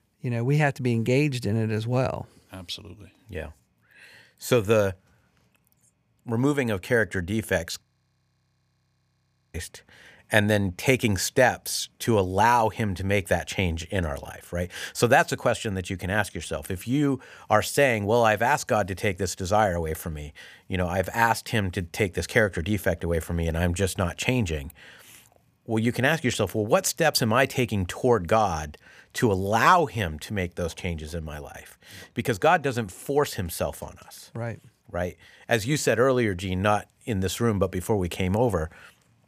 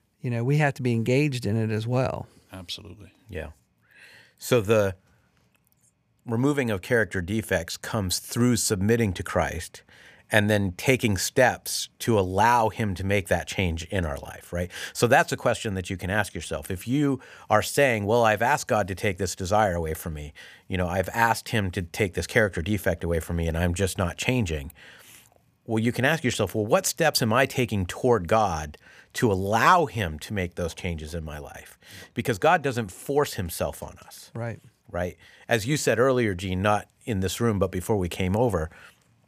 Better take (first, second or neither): second